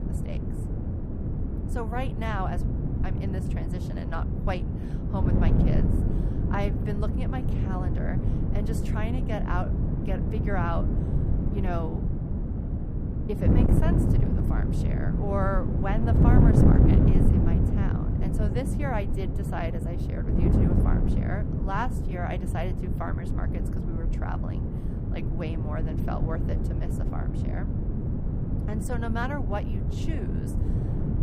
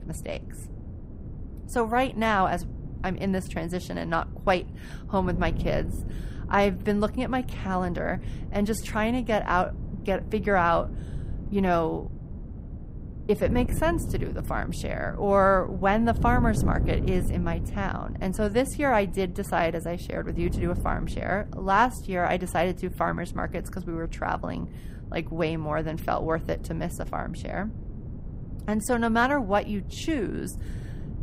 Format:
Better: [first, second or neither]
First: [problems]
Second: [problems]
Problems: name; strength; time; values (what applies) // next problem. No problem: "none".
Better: second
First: wind noise on the microphone; heavy; 1 dB below the speech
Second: wind noise on the microphone; occasional gusts; 20 dB below the speech